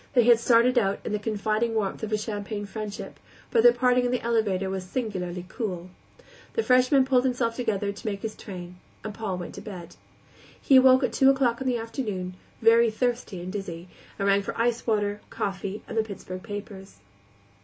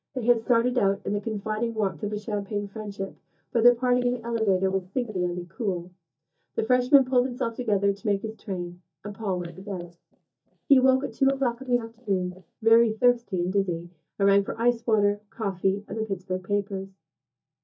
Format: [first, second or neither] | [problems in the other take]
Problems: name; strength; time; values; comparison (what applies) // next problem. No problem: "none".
first | noise reduction (neural mask model DeepFilterNet 3)